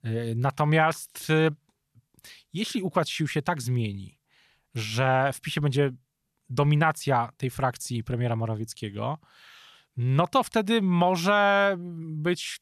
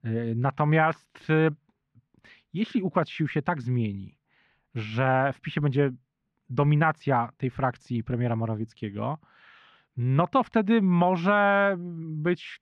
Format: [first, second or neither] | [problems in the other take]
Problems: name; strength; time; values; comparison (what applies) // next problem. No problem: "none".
first | muffled; very; fading above 2 kHz